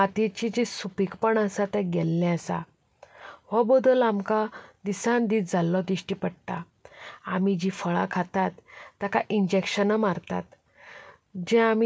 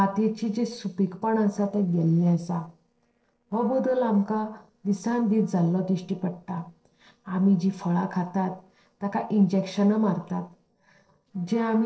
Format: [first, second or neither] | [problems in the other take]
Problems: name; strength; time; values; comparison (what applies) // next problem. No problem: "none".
first | noise reduction (neural separator model SepFormer DNS4)